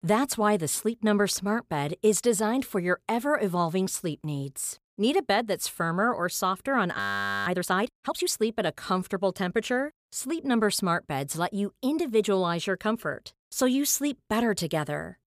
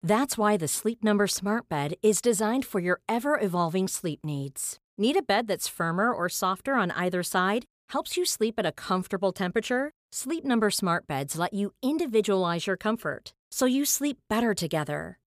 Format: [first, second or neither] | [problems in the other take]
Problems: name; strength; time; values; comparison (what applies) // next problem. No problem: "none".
second | audio freezing; at 7 s